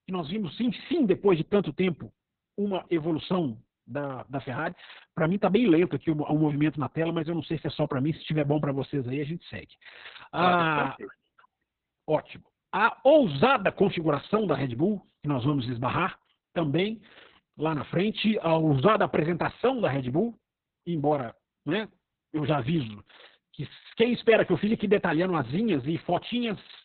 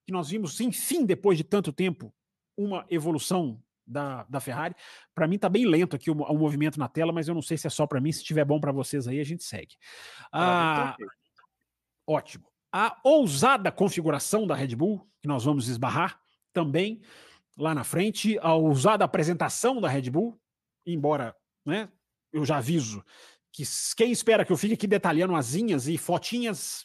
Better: second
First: garbled, watery; badly; nothing above 4 kHz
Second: none

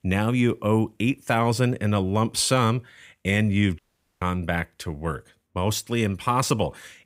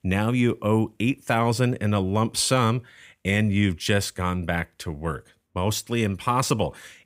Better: second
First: audio cutting out; at 4 s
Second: none

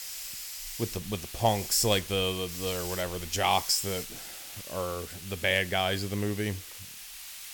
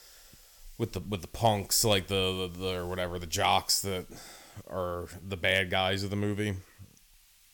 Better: second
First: hiss; loud; throughout; 9 dB below the speech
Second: hiss; faint; throughout; 25 dB below the speech

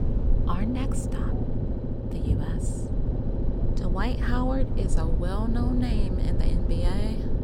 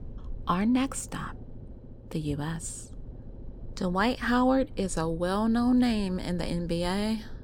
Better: second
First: low rumble; loud; throughout; 2 dB below the speech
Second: low rumble; faint; throughout; 25 dB below the speech

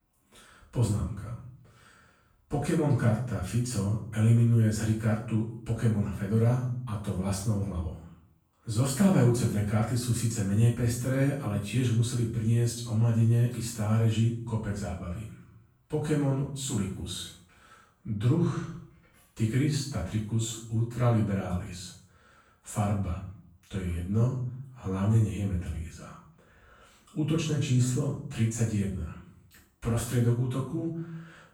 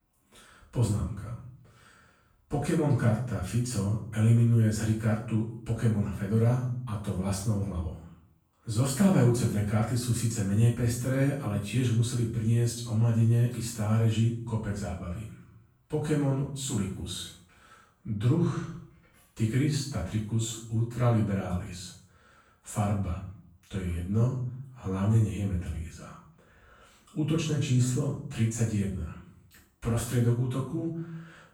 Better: neither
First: off-mic speech; far // room echo; noticeable; dies away in 0.5 s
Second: off-mic speech; far // room echo; noticeable; dies away in 0.5 s

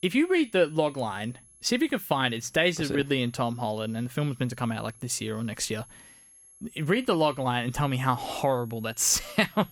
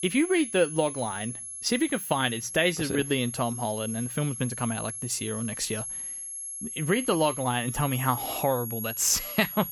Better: first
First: high-pitched whine; faint; throughout; 11 kHz, 25 dB below the speech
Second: high-pitched whine; loud; throughout; 11 kHz, 7 dB below the speech

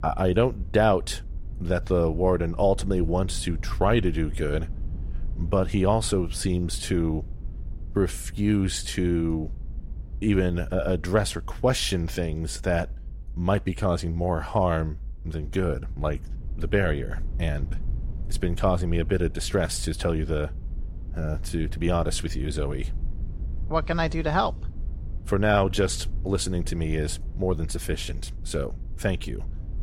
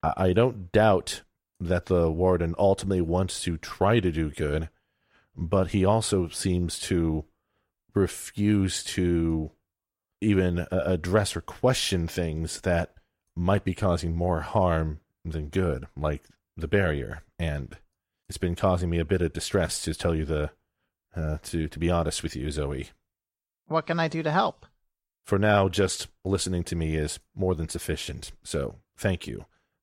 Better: second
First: low rumble; faint; throughout; 25 dB below the speech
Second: none

